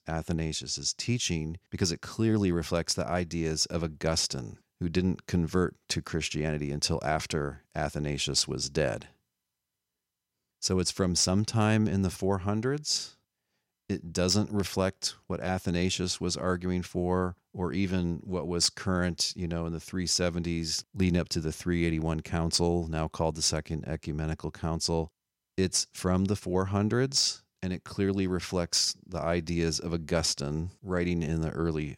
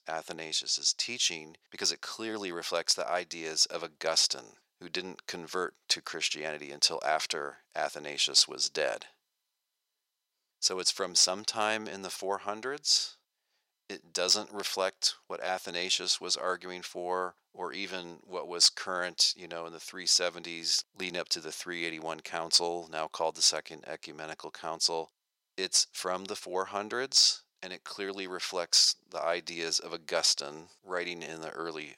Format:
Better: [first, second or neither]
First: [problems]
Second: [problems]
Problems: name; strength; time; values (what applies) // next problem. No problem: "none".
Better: first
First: none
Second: thin; very; fading below 650 Hz